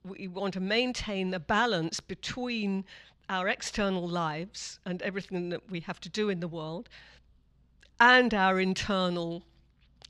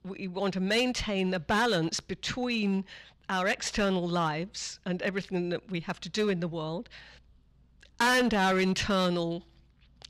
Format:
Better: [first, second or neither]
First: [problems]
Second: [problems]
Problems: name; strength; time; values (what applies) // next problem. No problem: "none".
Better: first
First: none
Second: distortion; heavy; 5% of the sound clipped